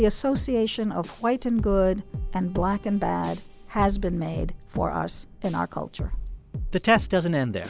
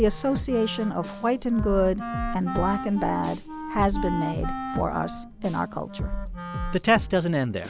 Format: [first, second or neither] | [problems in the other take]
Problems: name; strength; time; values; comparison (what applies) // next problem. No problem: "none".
first | background sound (Wind instrument, woodwind instrument); 10 dB below the speech